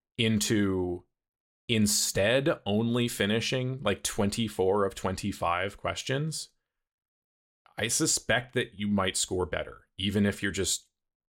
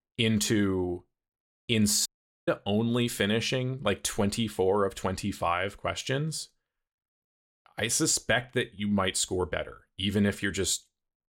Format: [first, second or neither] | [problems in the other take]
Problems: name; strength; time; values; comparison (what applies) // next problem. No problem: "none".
first | audio cutting out; at 2 s